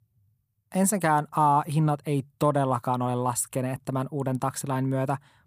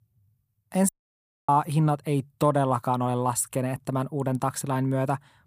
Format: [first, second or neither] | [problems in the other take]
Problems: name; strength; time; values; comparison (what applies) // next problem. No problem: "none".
first | audio cutting out; at 1 s for 0.5 s